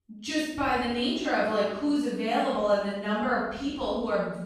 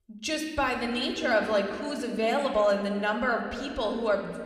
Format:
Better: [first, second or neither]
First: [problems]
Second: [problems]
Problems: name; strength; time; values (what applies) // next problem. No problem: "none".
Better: second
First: room echo; strong; dies away in 0.9 s // off-mic speech; far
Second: room echo; slight; dies away in 1.9 s // off-mic speech; somewhat distant